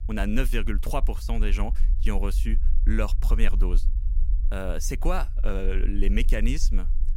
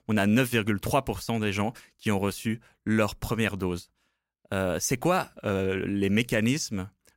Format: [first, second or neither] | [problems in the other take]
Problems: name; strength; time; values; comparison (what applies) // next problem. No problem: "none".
second | low rumble; noticeable; throughout; 20 dB below the speech